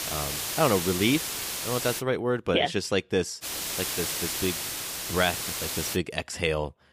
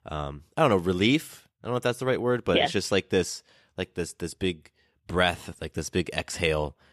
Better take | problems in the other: second | hiss; loud; until 2 s and from 3.5 to 6 s; 2 dB below the speech

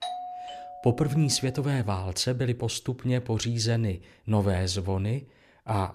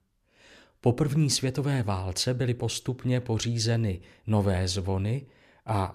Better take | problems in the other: second | doorbell; noticeable; until 1.5 s; peak 7 dB below the speech

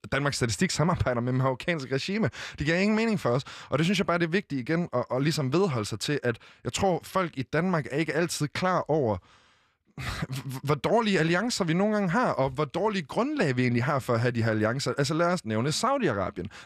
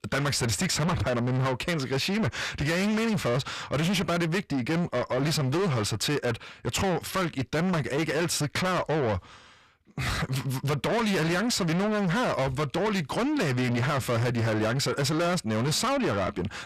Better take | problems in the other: first | distortion; heavy; 6 dB below the speech

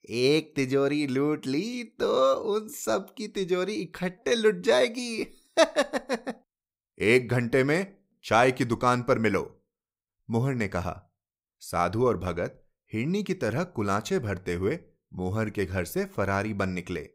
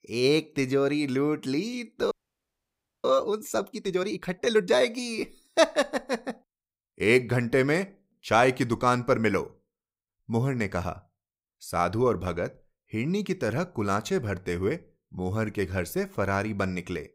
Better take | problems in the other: first | audio freezing; at 2 s for 1 s

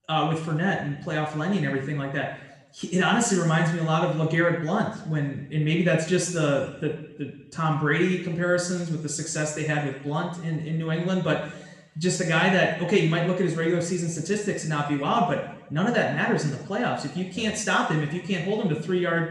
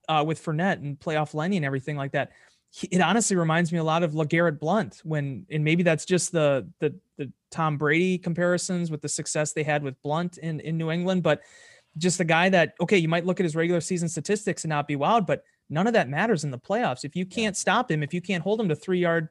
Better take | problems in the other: second | room echo; noticeable; dies away in 0.8 s // off-mic speech; somewhat distant

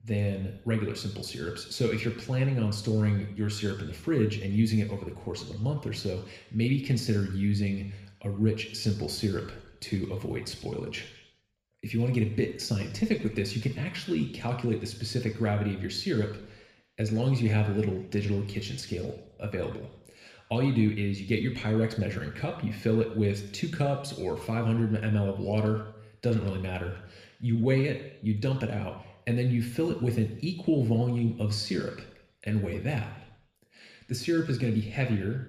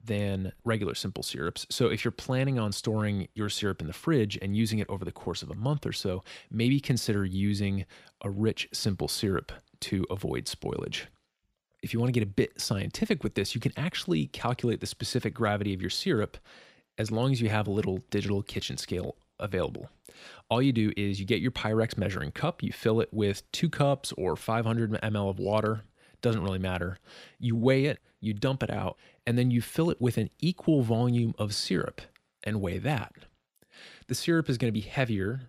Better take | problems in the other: second | room echo; slight; dies away in 0.8 s

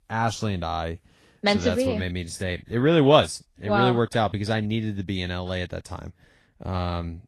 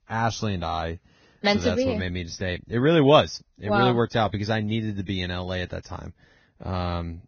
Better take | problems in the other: first | garbled, watery; badly; nothing above 6.5 kHz; slightly in the first

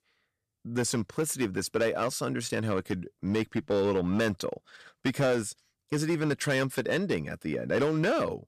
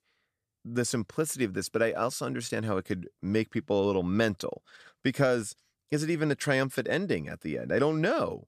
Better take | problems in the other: second | distortion; slight; 7% of the sound clipped

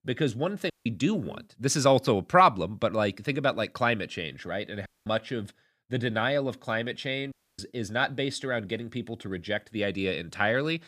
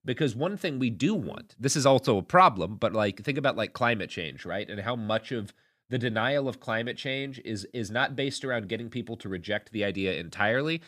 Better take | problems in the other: second | audio cutting out; at 0.5 s, at 5 s and at 7.5 s

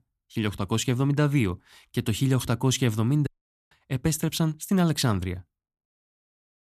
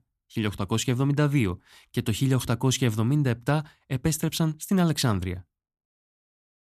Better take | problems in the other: second | audio cutting out; at 3.5 s

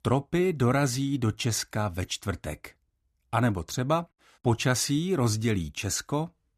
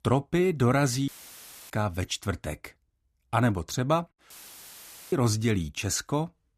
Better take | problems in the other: first | audio cutting out; filled with static; at 1 s for 0.5 s and at 4.5 s for 1 s

